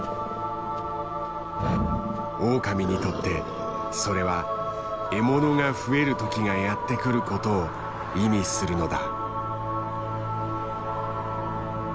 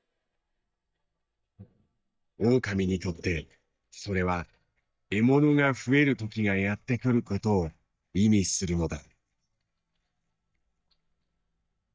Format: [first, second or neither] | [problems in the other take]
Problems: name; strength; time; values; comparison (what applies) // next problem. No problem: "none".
first | noise reduction (neural mask model DeepFilterNet 3)